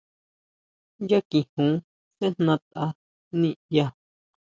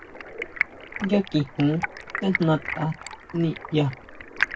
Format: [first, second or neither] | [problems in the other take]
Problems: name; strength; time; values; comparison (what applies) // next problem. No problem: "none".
first | background sound (Stream); 7 dB below the speech // room echo; dies away in 0.4 s